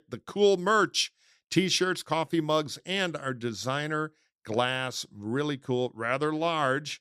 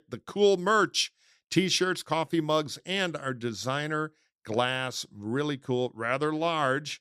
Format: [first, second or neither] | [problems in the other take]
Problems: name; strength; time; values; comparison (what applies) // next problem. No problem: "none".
neither | none